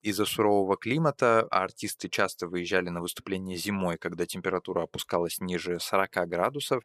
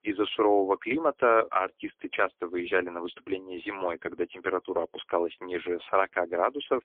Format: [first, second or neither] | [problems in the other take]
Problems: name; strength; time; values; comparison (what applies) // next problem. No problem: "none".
first | phone-call audio; poor line; nothing above 3.5 kHz